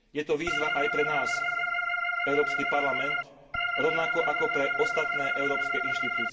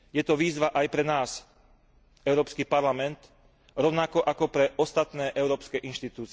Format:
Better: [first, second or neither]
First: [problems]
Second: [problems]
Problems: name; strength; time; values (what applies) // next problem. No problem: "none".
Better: second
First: background sound (Organ); 3 dB above the speech // room echo; dies away in 1.7 s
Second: none